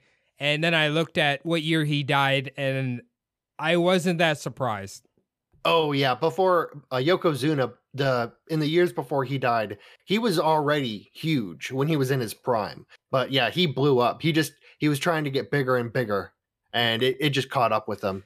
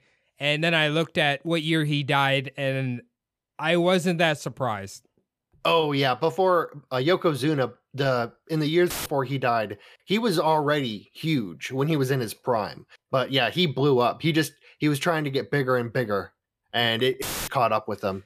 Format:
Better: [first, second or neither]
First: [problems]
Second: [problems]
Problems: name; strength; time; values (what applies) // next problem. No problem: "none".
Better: first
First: none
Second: audio cutting out; filled with static; at 9 s and at 17 s